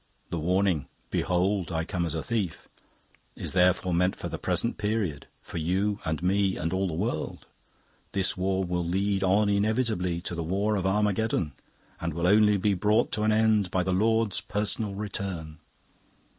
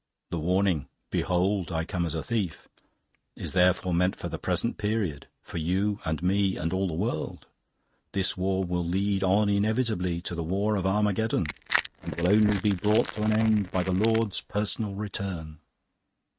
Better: first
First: none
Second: noise reduction (neural mask model RNNoise)

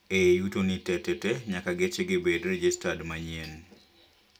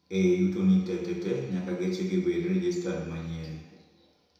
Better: first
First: none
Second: room echo; dies away in 1 s

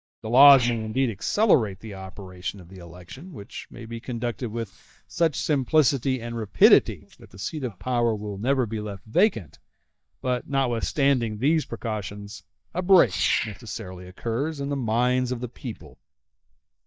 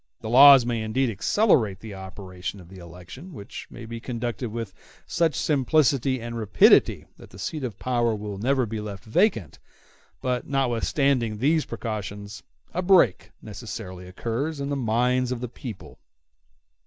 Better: second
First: noise reduction (neural mask model DeepFilterNet 3)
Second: none

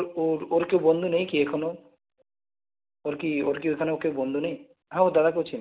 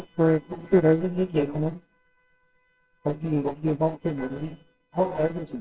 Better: first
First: none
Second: noise reduction (neural separator model SepFormer WHAMR!)

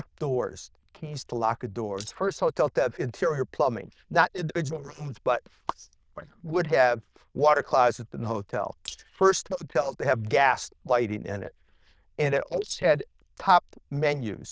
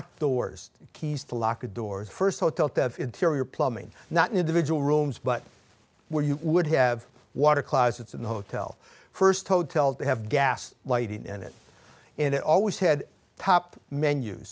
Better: second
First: noise reduction (neural diffusion model UNIVERSE++)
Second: none

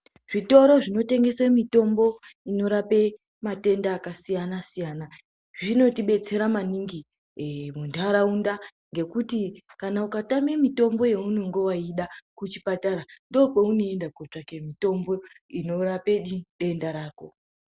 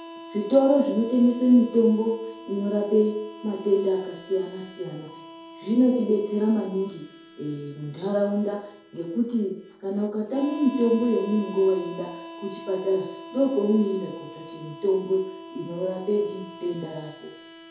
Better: first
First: none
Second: background sound (Harmonica); 17 dB below the speech // room echo; dies away in 2.3 s

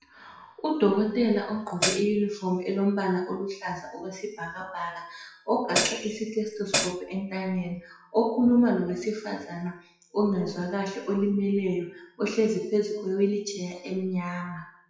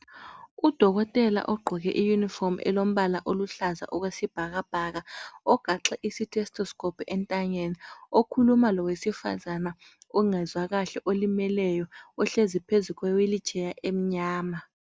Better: second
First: noise reduction (classical method WPE with log-MMSE)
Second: none

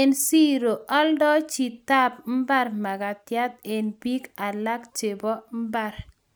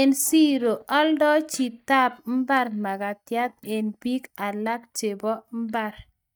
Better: first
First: none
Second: noise reduction (neural mask model DeepFilterNet 3)

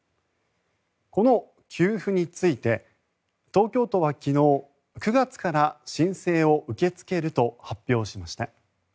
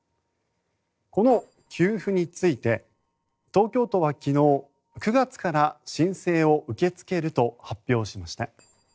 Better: first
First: none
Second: noise reduction (neural separator model SepFormer DNS4)

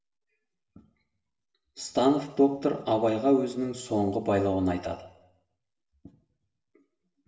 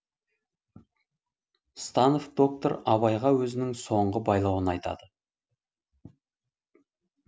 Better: second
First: room echo; dies away in 0.8 s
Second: none

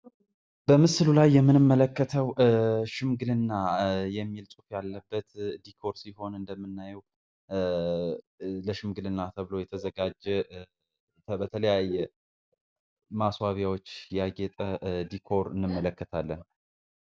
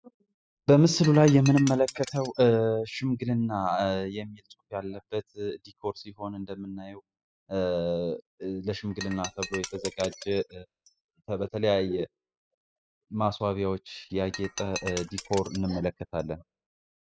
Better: first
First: none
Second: noise reduction (classical method spectral subtraction)

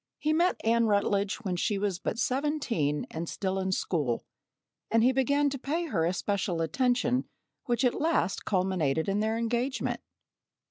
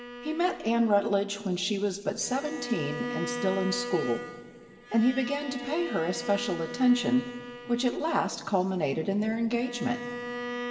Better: first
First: none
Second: background sound (Bowed string instrument); 10 dB below the speech // room echo; dies away in 2.2 s

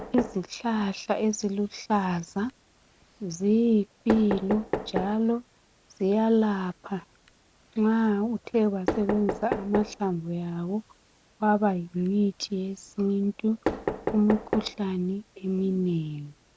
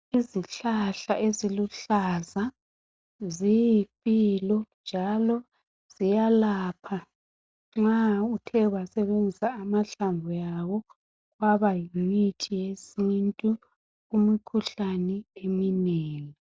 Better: second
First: background sound (Knock); 10 dB below the speech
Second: none

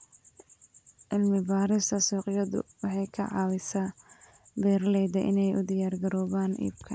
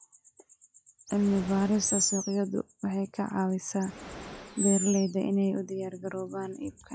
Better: first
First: none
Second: noise reduction (classical method log-MMSE)

